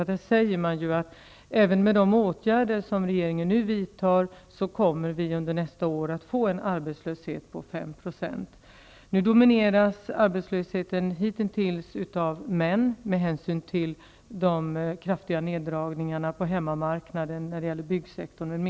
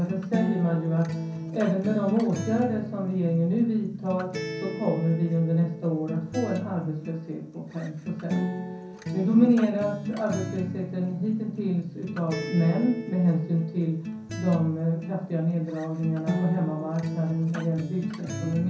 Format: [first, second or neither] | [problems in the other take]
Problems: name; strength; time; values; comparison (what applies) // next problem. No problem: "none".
first | background sound (Acoustic guitar); 8 dB below the speech // room echo; dies away in 0.6 s